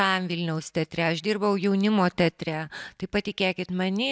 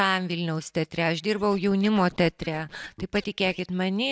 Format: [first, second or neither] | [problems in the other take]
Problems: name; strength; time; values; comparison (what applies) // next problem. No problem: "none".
first | noise reduction (neural separator model SepFormer DNS4)